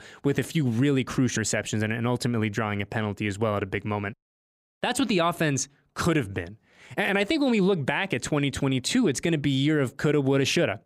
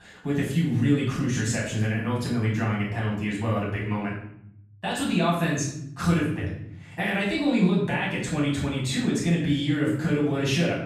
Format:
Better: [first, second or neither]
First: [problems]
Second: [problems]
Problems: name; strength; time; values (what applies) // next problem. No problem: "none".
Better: first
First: none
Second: off-mic speech; far // room echo; noticeable; dies away in 0.7 s